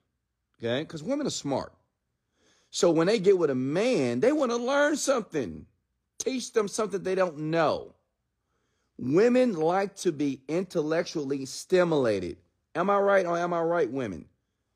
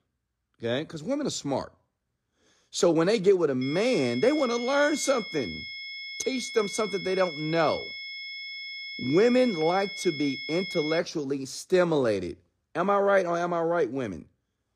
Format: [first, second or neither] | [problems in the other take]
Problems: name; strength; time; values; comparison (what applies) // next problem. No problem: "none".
first | high-pitched whine; loud; from 3.5 to 11 s; 2 kHz, 9 dB below the speech